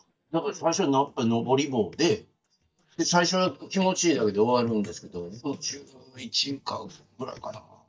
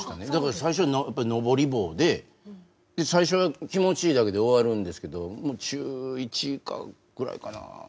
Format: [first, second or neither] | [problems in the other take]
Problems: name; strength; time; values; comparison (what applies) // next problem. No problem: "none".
second | noise reduction (neural mask model DeepFilterNet 3)